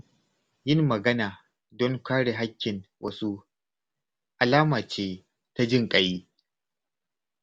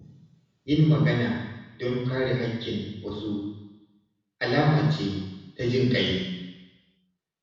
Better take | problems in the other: first | room echo; dies away in 1.1 s

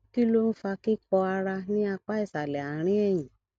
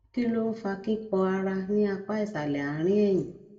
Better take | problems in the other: first | room echo; dies away in 0.5 s

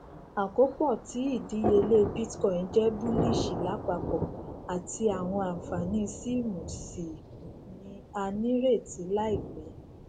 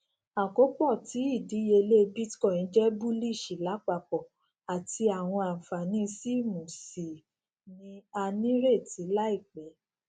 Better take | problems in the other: second | background sound (Thunder); 7 dB below the speech

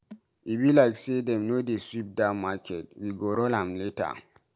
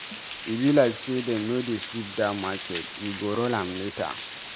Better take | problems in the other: first | background sound (Water); 11 dB below the speech

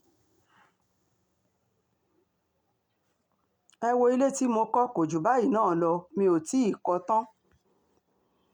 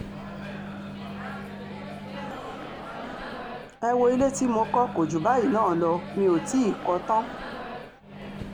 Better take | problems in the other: first | background sound (Microwave oven); 9 dB below the speech

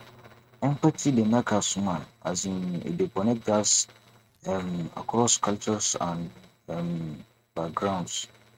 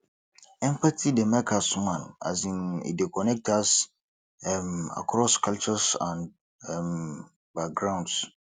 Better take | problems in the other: second | noise reduction (neural mask model RNNoise)

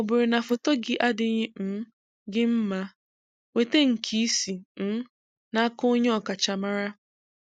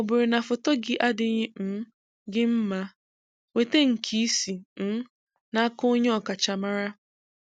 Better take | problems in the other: second | noise reduction (neural mask model Resemble Enhance denoiser)

